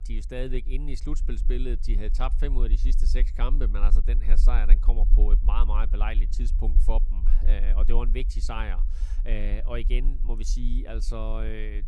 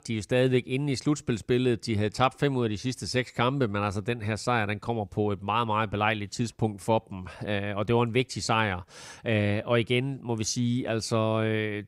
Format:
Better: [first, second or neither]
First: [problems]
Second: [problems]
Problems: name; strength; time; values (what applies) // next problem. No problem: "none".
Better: second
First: low rumble; noticeable; throughout; 15 dB below the speech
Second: none